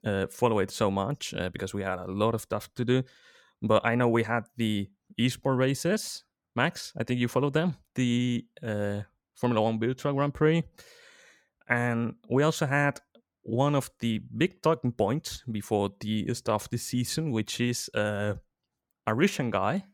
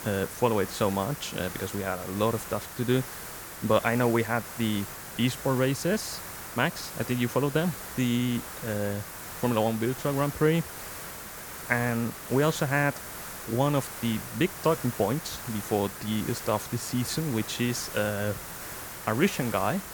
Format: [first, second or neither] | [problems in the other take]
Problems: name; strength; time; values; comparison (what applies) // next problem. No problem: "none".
first | hiss; loud; throughout; 9 dB below the speech